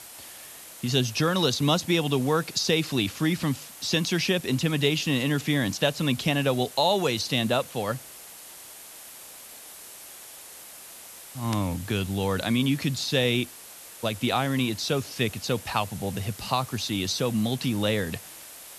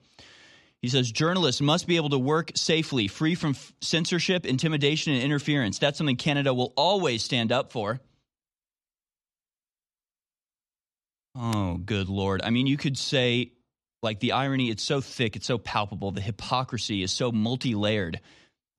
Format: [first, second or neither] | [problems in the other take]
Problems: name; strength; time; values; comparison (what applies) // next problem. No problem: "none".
second | hiss; noticeable; throughout; 15 dB below the speech